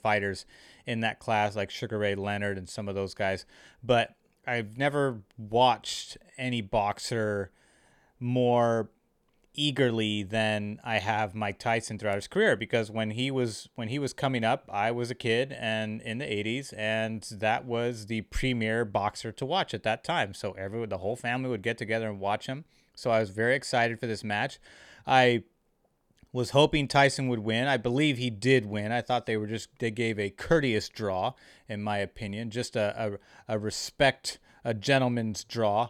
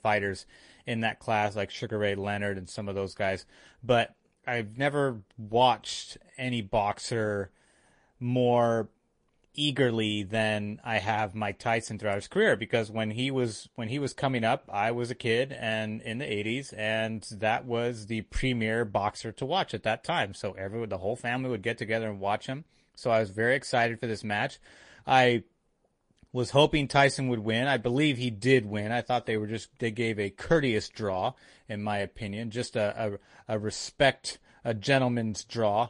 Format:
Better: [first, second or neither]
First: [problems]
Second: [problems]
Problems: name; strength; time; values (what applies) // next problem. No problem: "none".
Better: first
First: none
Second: garbled, watery; slightly; nothing above 9.5 kHz